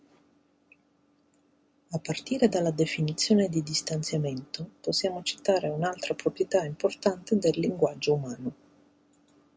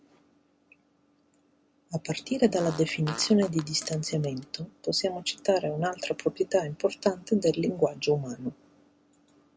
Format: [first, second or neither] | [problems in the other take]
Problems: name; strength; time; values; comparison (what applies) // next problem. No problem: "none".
first | background sound (Fart); 15 dB below the speech